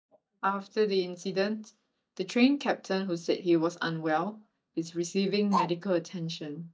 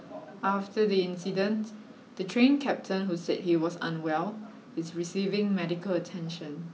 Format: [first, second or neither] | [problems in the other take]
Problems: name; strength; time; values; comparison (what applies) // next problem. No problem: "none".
second | noise reduction (neural mask model DeepFilterNet 3)